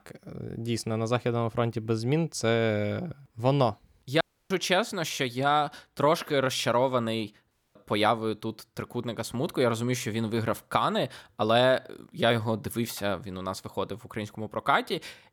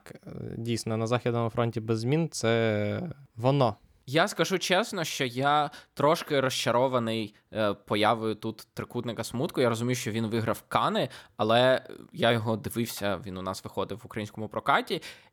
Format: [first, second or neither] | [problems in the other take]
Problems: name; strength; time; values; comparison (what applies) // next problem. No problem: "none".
second | audio cutting out; at 4 s and at 7.5 s